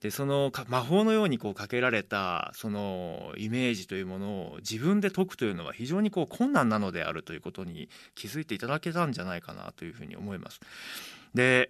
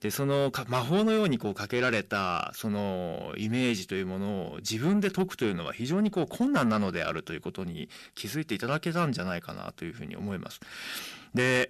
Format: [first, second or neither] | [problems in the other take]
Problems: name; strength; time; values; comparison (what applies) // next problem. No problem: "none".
first | distortion; slight; 10 dB below the speech